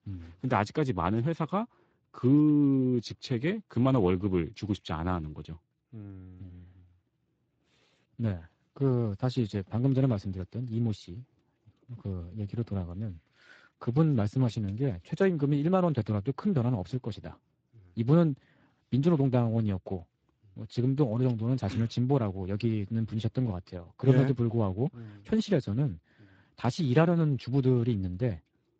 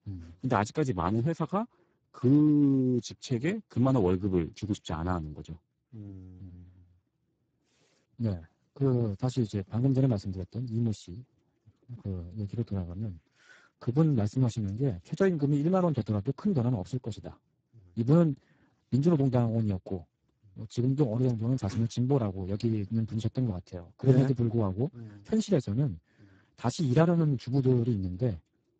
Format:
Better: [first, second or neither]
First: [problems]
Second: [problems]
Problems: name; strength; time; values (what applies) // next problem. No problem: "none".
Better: first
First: garbled, watery; slightly; nothing above 7.5 kHz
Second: garbled, watery; badly; nothing above 7.5 kHz